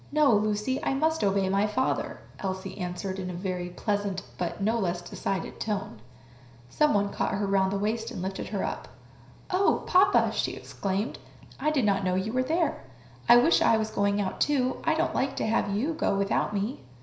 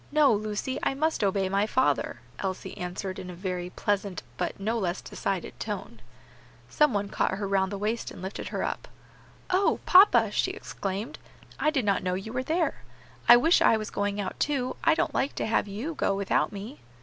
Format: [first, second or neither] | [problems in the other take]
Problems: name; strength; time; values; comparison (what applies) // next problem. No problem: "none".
second | room echo; dies away in 0.5 s